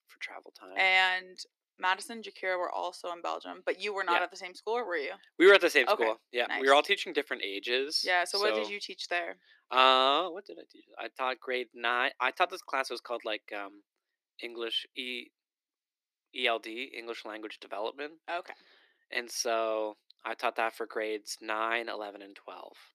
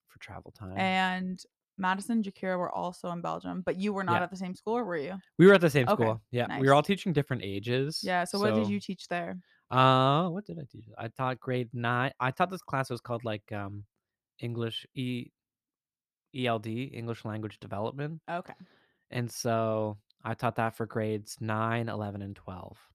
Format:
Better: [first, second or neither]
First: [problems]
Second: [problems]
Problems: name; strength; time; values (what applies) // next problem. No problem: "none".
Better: second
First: thin; very; fading below 300 Hz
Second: none